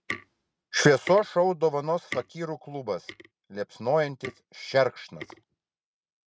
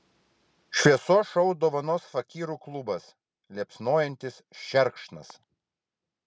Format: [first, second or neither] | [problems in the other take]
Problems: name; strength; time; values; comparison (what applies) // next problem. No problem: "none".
second | noise reduction (neural mask model RNNoise)